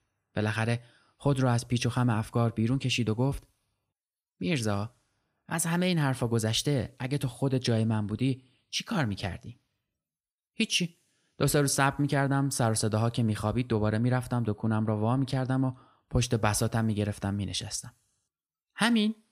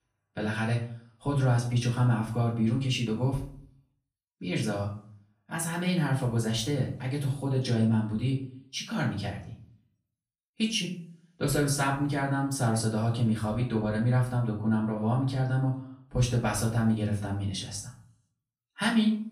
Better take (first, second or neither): first